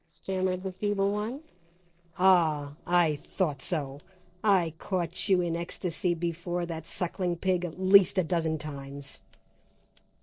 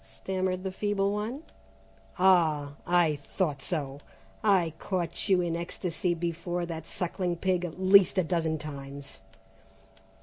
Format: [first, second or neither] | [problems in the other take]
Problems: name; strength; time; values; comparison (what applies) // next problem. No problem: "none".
second | noise reduction (neural separator model SepFormer DNS4)